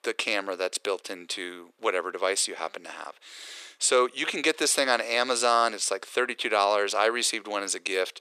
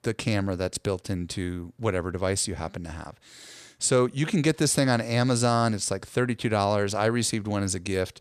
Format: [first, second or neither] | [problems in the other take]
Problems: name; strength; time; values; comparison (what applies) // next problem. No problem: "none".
second | thin; very; fading below 400 Hz